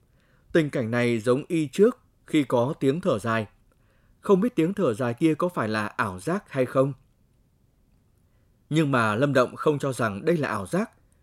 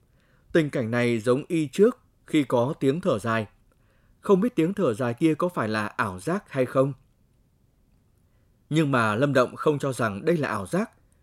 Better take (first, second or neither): neither